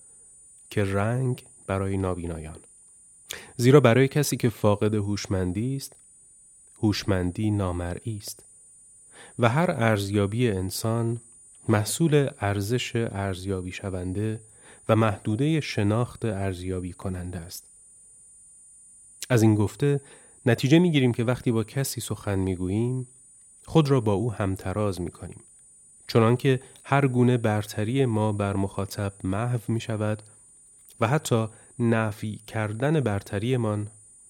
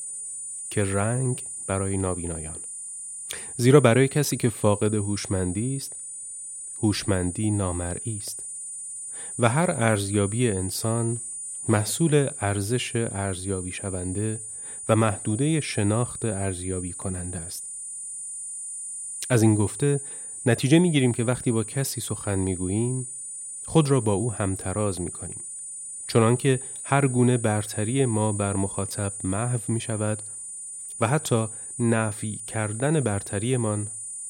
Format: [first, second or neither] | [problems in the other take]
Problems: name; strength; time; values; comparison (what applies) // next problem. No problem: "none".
first | high-pitched whine; loud; throughout; 9.5 kHz, 8 dB below the speech; faint in the first